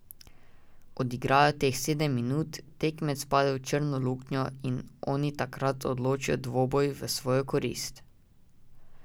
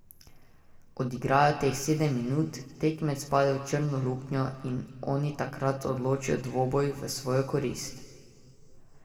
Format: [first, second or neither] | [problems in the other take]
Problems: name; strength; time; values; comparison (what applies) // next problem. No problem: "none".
first | room echo; dies away in 2 s